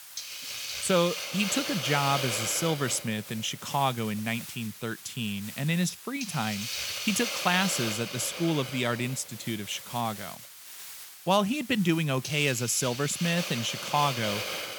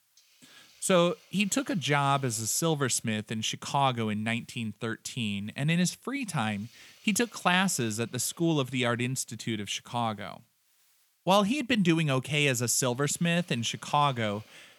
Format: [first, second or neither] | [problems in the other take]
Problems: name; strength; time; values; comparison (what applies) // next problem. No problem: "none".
second | hiss; loud; throughout; 6 dB below the speech; faint in the second